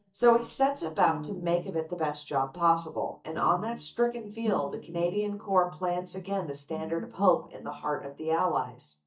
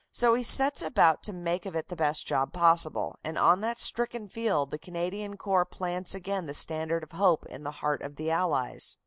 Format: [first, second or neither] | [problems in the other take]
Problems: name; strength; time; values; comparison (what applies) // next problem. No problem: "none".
second | noise reduction (neural mask model DeepFilterNet 3)